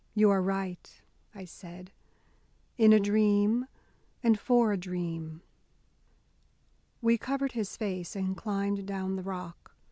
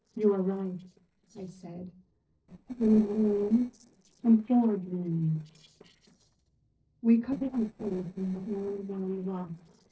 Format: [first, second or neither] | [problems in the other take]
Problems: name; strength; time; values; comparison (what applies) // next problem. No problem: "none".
first | noise reduction (neural separator model SepFormer DNS4)